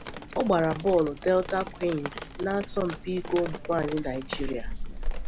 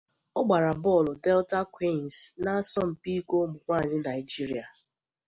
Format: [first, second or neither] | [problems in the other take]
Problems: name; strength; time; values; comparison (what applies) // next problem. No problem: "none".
second | background sound (Drip); 6 dB below the speech